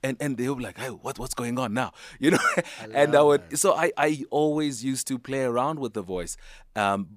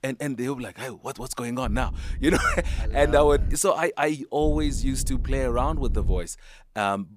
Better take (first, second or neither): first